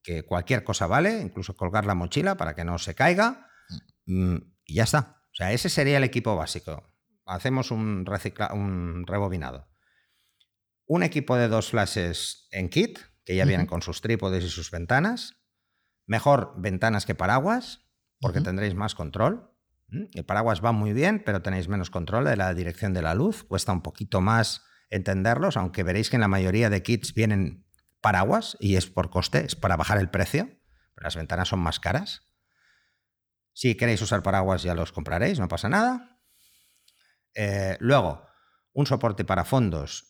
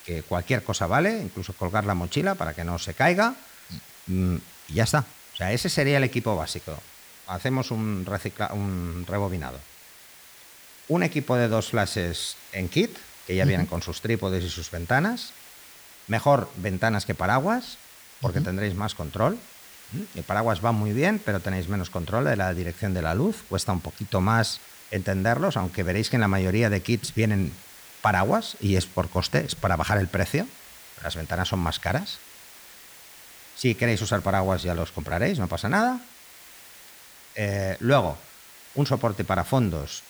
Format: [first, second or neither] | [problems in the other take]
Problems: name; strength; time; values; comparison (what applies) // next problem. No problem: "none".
first | hiss; noticeable; throughout; 20 dB below the speech